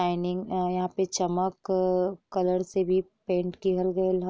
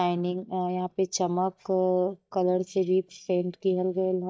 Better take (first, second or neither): first